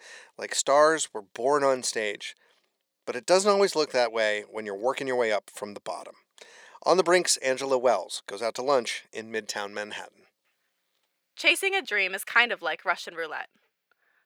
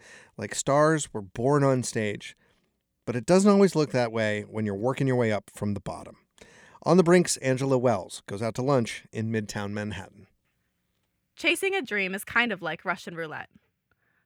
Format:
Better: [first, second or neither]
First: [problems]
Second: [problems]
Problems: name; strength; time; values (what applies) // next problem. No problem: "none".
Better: second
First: thin; very; fading below 550 Hz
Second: none